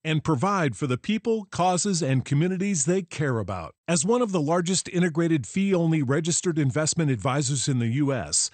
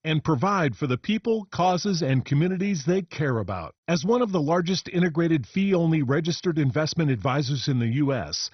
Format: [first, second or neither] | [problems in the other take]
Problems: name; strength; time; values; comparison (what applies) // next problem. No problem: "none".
first | garbled, watery; badly; nothing above 6 kHz; slightly in the first